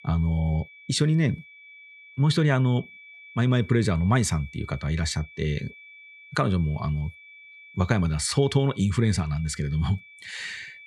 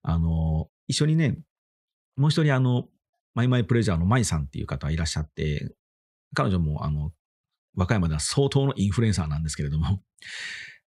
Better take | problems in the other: second | high-pitched whine; faint; throughout; 2.5 kHz, 20 dB below the speech

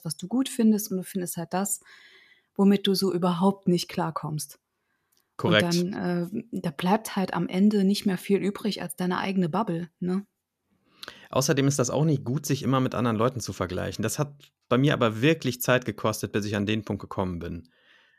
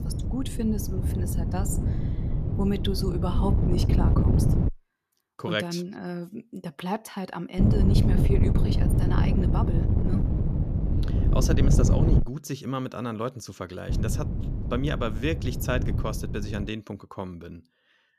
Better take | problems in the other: first | wind noise on the microphone; heavy; until 4.5 s, from 7.5 to 12 s and from 14 to 17 s; 2 dB below the speech

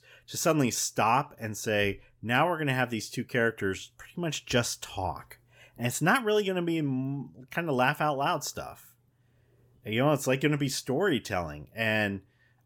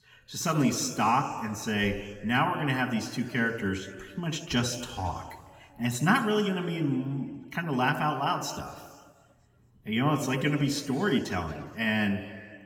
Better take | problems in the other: first | room echo; slight; dies away in 1.7 s

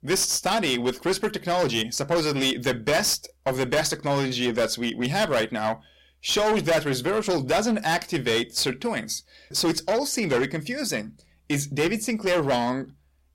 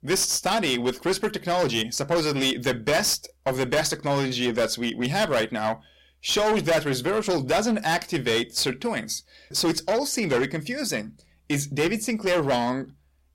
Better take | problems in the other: neither | distortion; heavy; 11% of the sound clipped; the same in both

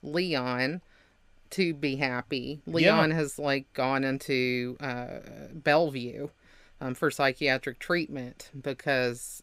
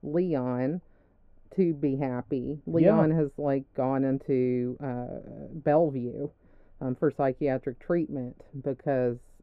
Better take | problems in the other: first | muffled; very; fading above 1.5 kHz

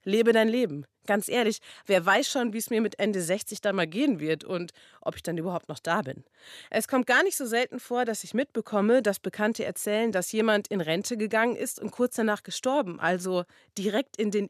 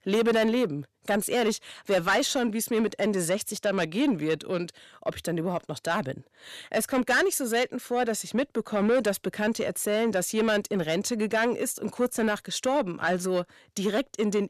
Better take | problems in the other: first | distortion; slight; 10 dB below the speech

